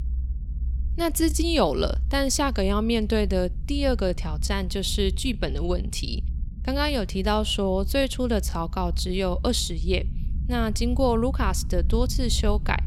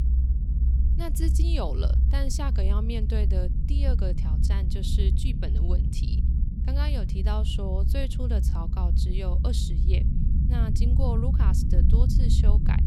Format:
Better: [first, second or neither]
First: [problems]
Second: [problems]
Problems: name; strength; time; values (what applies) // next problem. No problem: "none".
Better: first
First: low rumble; faint; throughout; 20 dB below the speech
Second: low rumble; loud; throughout; 4 dB below the speech